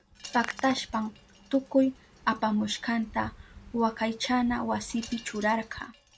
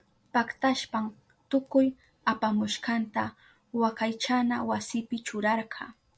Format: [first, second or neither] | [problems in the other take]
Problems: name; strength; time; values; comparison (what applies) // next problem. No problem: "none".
second | background sound (Wind chime + Hands); 18 dB below the speech